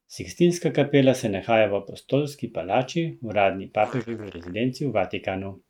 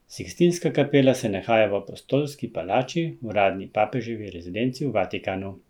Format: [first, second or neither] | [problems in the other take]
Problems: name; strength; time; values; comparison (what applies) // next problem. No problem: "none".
second | noise reduction (neural mask model RNNoise)